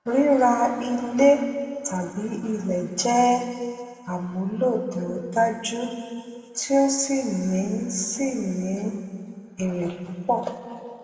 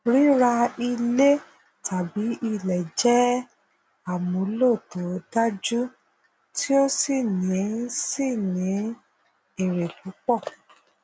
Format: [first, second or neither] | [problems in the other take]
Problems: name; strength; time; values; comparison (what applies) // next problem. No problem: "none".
second | room echo; dies away in 2.1 s